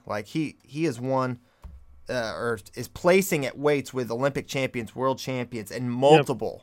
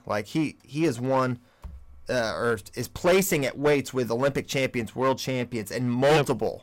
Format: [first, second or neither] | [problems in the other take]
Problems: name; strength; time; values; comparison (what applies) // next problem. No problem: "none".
first | distortion; heavy; 6% of the sound clipped